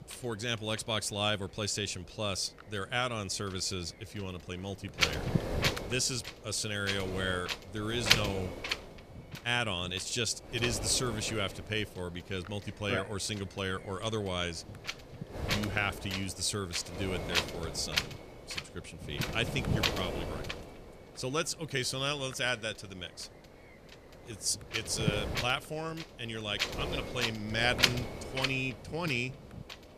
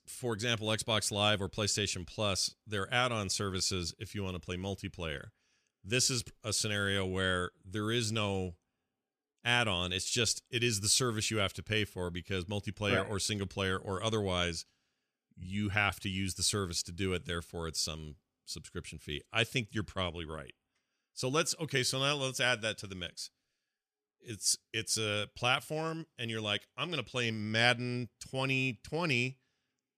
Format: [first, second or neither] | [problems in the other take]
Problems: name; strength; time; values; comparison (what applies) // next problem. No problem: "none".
second | wind noise on the microphone; heavy; as loud as the speech